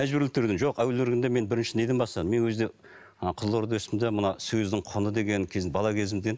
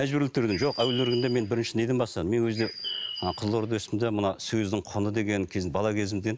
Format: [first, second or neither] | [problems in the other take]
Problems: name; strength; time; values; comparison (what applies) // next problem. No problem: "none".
first | background sound (Bird); 10 dB below the speech